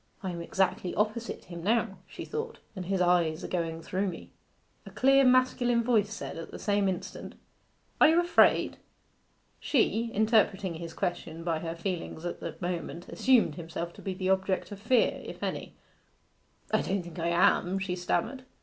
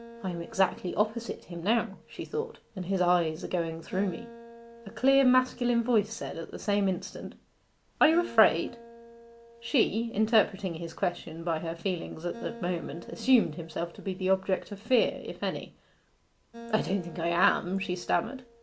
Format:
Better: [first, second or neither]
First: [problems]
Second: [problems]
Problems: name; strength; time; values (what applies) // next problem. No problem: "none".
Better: first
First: none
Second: background sound (Acoustic guitar); 20 dB below the speech